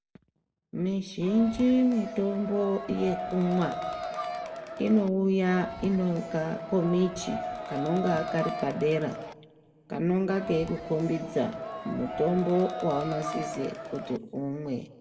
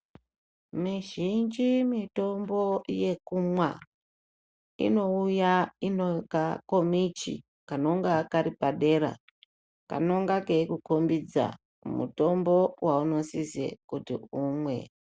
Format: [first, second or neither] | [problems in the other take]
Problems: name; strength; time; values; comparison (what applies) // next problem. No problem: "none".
second | background sound (Crowd); 8 dB below the speech // room echo; dies away in 1.4 s